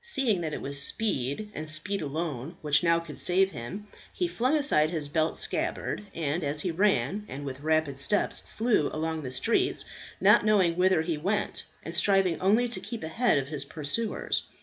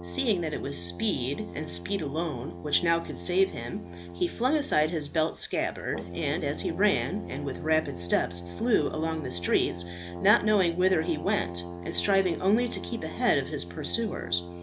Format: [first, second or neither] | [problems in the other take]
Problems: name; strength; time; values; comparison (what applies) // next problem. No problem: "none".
first | background sound (Brass instrument); 10 dB below the speech